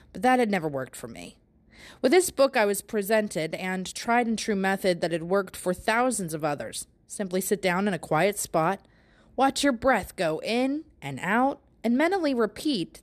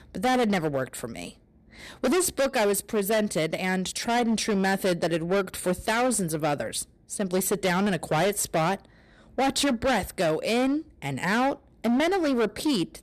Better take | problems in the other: first | distortion; heavy; 15% of the sound clipped

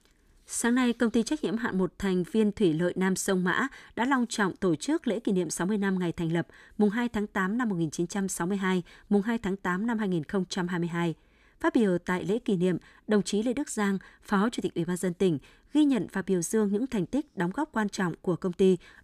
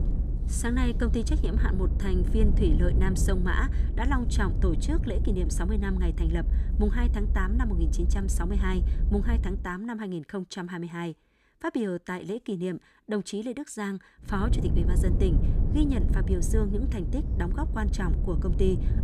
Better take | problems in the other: first | low rumble; loud; until 9.5 s and from 14 s on; 9 dB below the speech

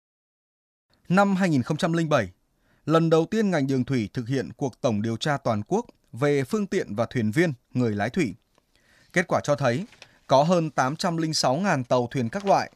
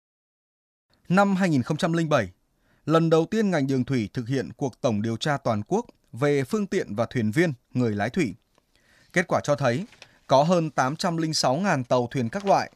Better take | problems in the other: neither | none

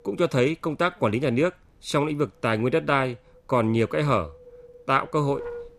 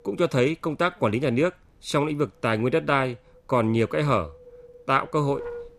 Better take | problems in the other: neither | wind noise on the microphone; occasional gusts; 20 dB below the speech; the same in both

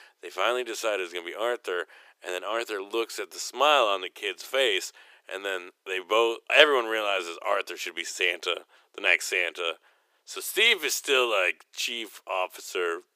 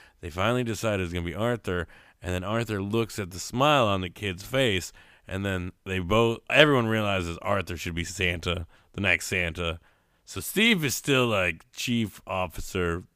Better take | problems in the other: second | thin; very; fading below 350 Hz

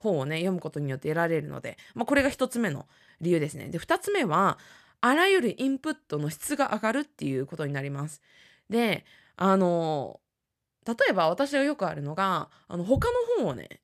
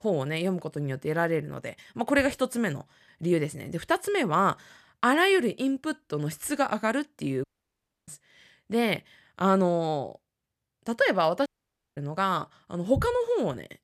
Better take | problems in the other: first | audio cutting out; at 7.5 s for 0.5 s and at 11 s for 0.5 s

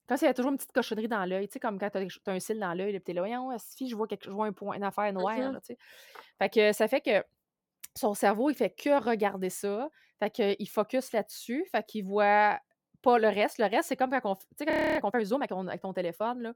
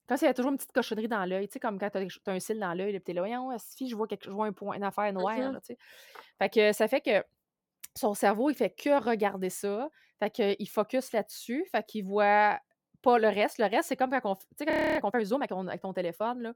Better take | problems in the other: neither | audio freezing; at 15 s; the same in both

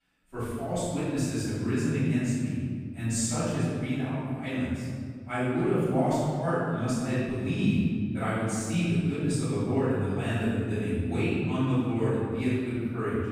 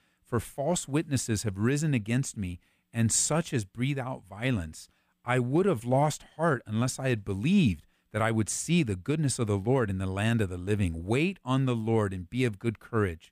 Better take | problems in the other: second | off-mic speech; far // room echo; strong; dies away in 2 s

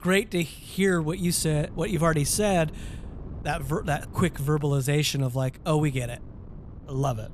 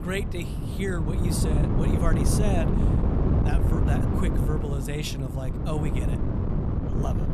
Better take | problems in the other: first | wind noise on the microphone; heavy; as loud as the speech; occasional gusts in the first

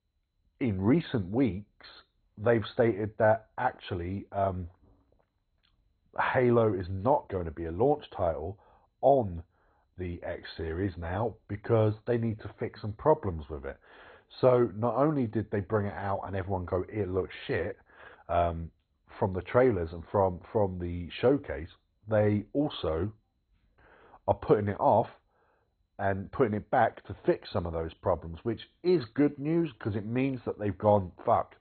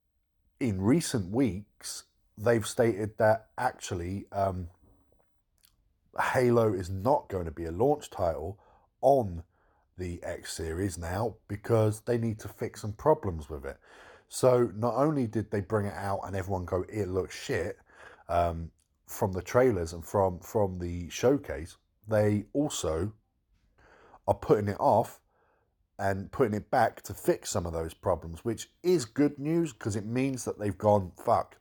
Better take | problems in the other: second | garbled, watery; badly; nothing above 4 kHz

